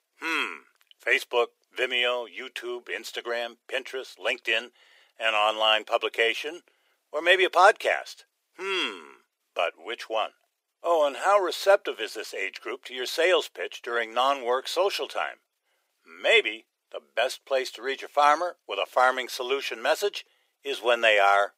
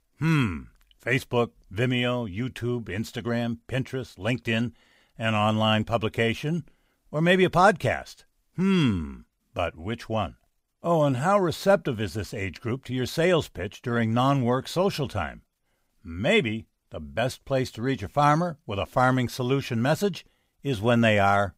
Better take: second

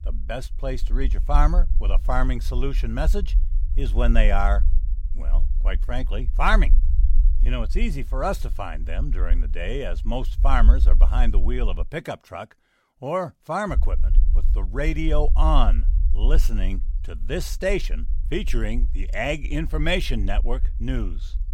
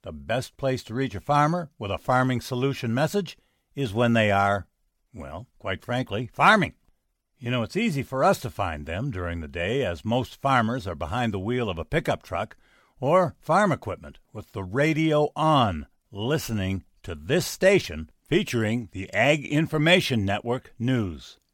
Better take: second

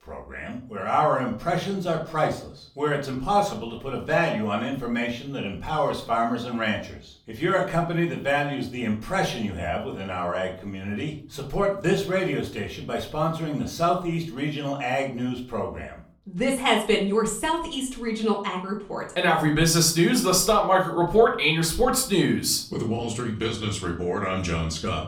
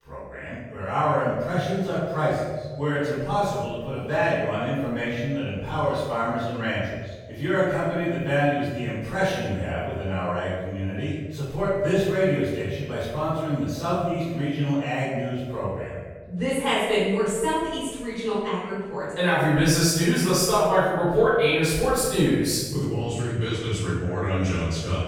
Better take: first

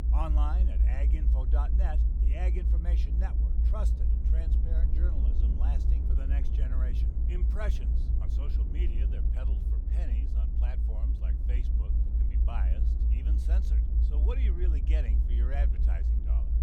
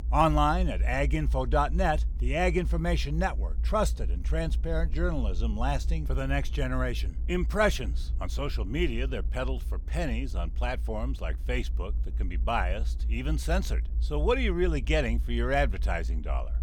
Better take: second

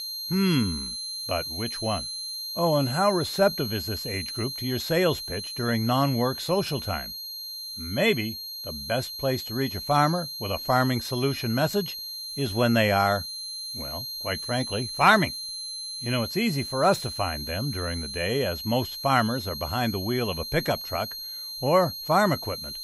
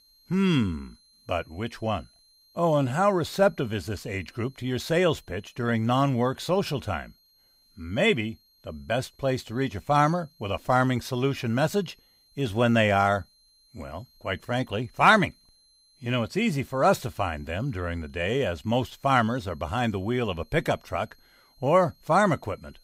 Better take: second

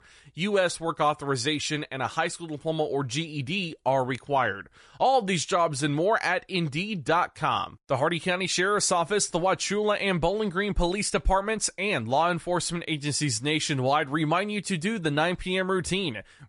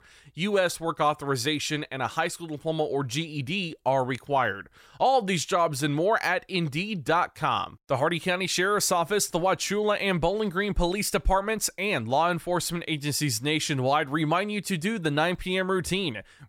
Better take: second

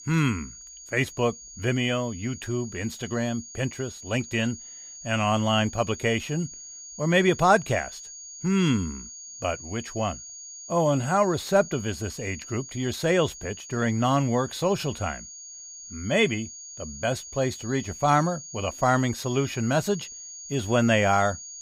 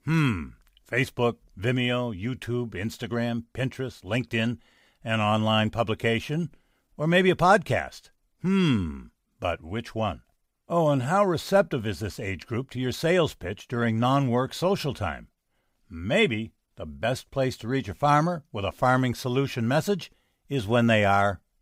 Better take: second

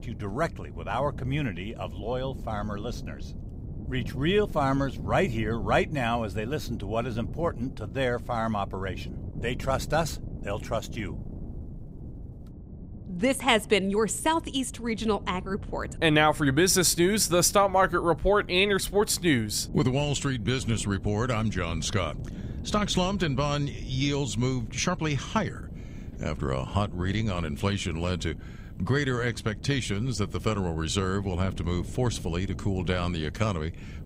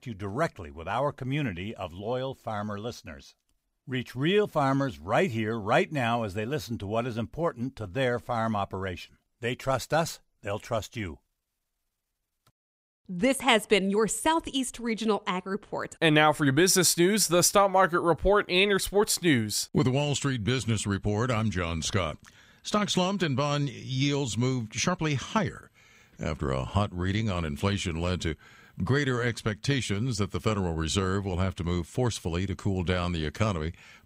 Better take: second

